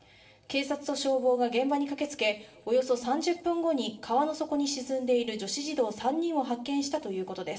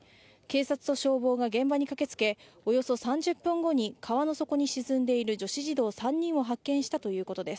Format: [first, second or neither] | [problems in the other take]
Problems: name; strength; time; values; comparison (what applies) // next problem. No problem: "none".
second | room echo; dies away in 0.7 s